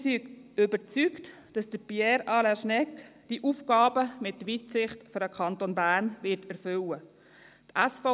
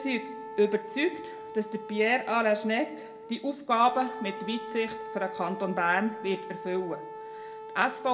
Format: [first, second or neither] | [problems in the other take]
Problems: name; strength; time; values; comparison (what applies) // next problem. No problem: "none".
first | background sound (Wind instrument, woodwind instrument); 11 dB below the speech // room echo; dies away in 0.5 s